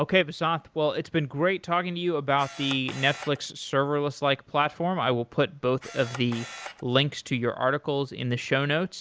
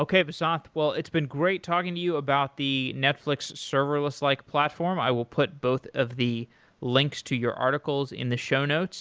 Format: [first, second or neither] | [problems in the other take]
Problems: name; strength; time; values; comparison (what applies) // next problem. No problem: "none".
second | background sound (Camera); 15 dB below the speech